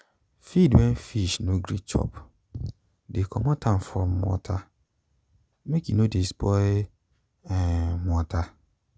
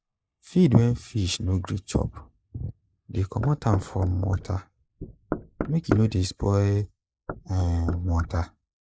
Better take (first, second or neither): first